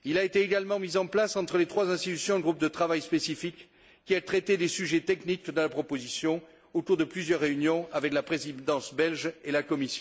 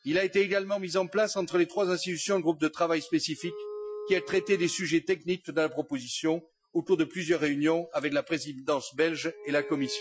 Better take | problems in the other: first | noise reduction (classical method Wiener filter)

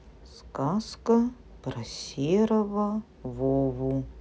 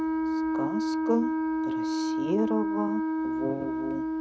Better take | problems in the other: first | noise reduction (neural mask model RNNoise)

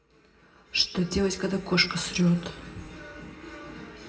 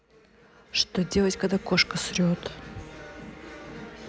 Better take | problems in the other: second | room echo; dies away in 1.3 s

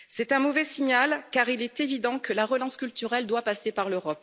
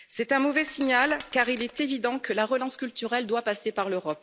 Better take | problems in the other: first | background sound (Shatter); 19 dB below the speech

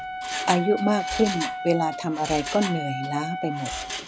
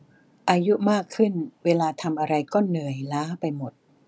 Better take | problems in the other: second | background sound (Wind instrument, woodwind instrument + Mechanisms); 5 dB below the speech

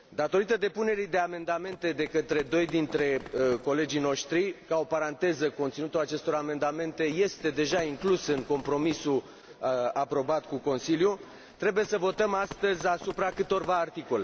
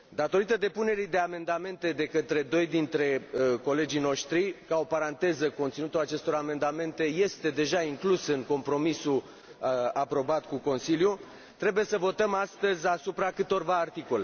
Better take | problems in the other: second | background sound (Run); 18 dB below the speech

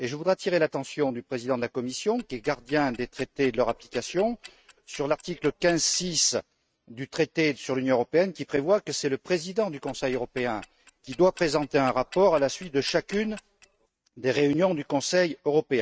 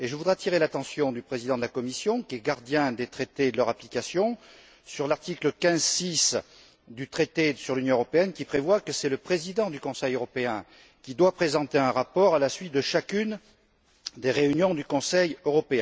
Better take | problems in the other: second | noise reduction (neural mask model RNNoise)

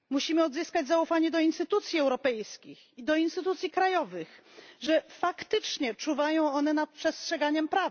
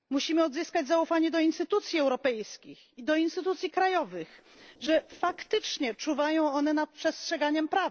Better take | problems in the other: first | noise reduction (neural separator model SepFormer DNS4)

